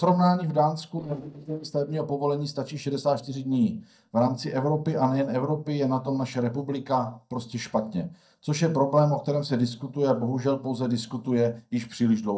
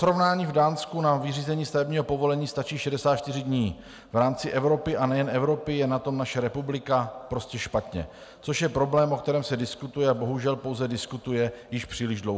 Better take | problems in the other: second | noise reduction (neural mask model DeepFilterNet 3)

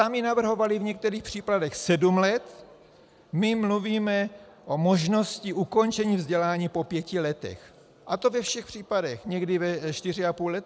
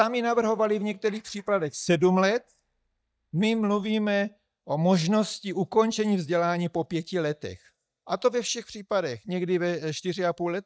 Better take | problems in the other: first | noise reduction (neural mask model DeepFilterNet 3)

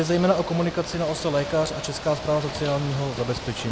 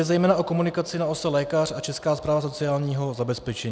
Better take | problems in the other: second | background sound (Ocean / Boat, Water vehicle); 10 dB below the speech

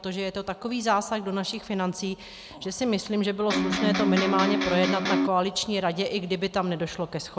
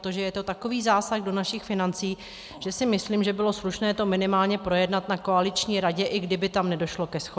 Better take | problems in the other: second | background sound (Electric guitar); 2 dB above the speech

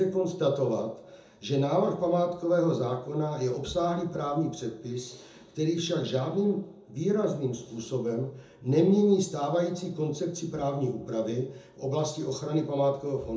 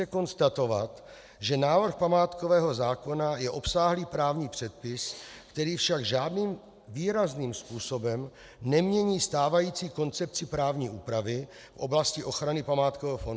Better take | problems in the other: second | room echo; dies away in 0.5 s

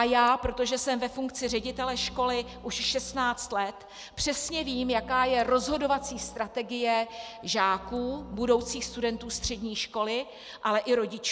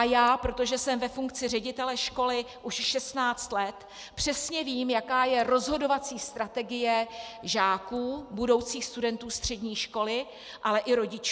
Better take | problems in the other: second | background sound (Bowed string instrument); 19 dB below the speech

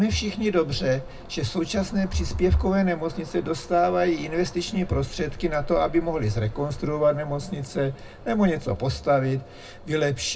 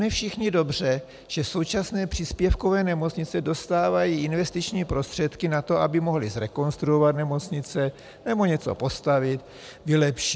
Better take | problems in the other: second | background sound (Cricket / Motor vehicle (road)); 14 dB below the speech // room echo; dies away in 0.2 s

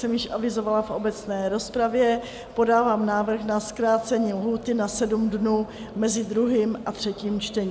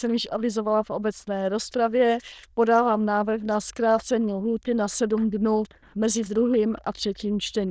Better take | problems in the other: first | noise reduction (neural diffusion model UNIVERSE++)

